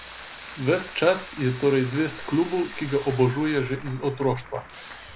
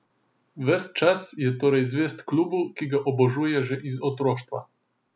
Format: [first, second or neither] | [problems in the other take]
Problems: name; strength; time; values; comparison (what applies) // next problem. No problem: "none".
second | background sound (Applause / Crowd + Drill); 15 dB below the speech